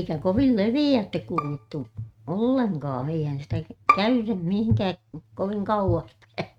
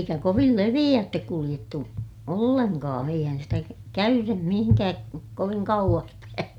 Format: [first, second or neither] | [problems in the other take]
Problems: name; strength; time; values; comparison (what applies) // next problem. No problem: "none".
second | noise reduction (neural mask model RNNoise)